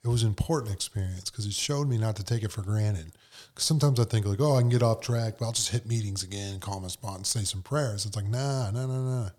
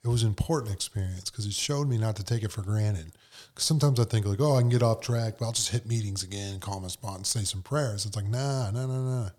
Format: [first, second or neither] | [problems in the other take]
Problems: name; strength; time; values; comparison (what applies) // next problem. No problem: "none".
neither | none